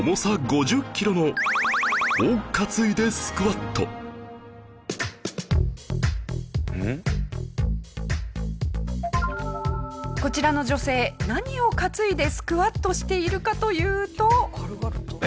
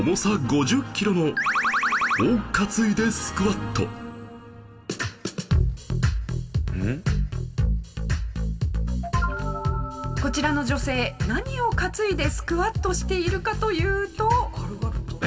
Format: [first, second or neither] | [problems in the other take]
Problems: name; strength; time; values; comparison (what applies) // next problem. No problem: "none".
first | room echo; dies away in 1.5 s